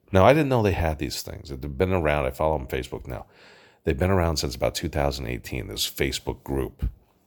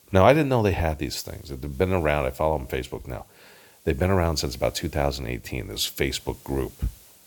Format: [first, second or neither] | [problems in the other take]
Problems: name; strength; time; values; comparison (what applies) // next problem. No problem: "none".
first | hiss; faint; throughout; 25 dB below the speech